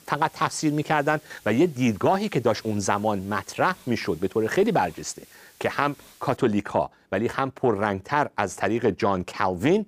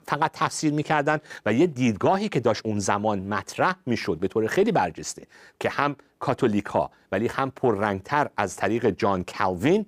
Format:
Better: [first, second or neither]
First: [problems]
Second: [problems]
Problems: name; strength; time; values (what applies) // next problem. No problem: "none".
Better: second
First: hiss; faint; until 6.5 s; 25 dB below the speech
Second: none